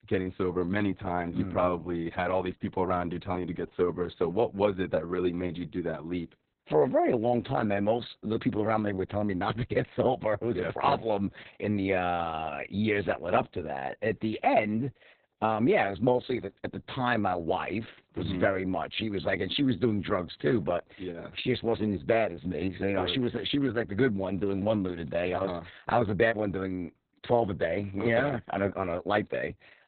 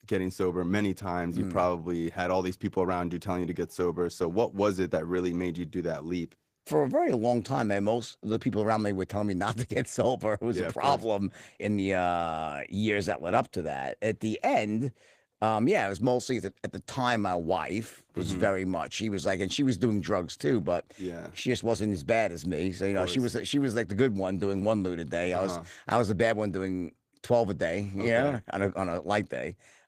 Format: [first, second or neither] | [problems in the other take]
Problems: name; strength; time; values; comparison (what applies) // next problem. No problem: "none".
second | garbled, watery; badly; nothing above 4 kHz; slightly in the second